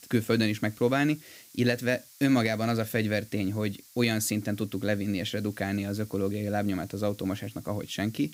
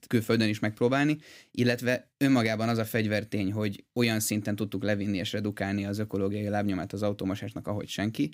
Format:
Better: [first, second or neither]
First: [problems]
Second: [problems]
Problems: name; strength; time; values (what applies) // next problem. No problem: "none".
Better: second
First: hiss; faint; throughout; 20 dB below the speech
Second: none